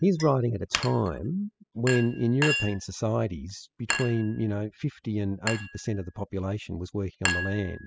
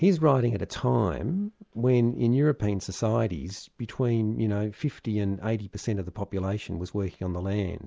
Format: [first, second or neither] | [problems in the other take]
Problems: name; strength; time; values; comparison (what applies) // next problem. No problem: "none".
second | noise reduction (classical method spectral subtraction)